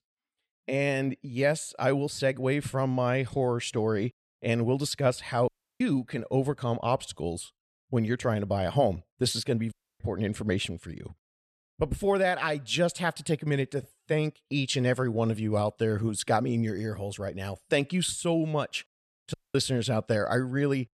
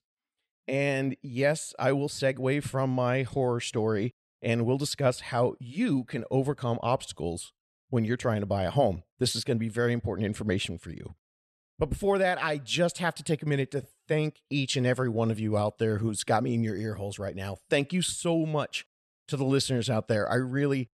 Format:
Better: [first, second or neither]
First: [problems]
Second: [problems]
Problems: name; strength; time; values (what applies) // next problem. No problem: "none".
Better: second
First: audio cutting out; at 5.5 s, at 9.5 s and at 19 s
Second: none